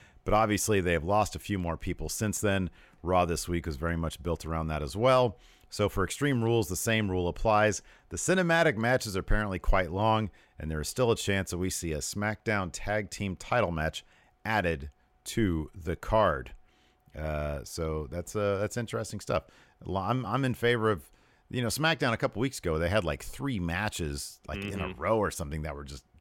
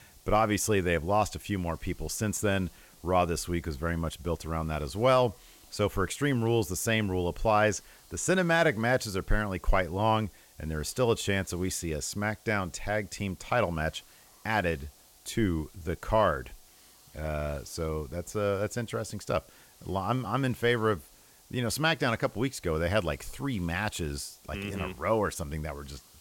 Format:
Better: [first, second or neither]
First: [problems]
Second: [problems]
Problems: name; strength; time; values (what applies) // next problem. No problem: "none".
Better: first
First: none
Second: hiss; faint; throughout; 25 dB below the speech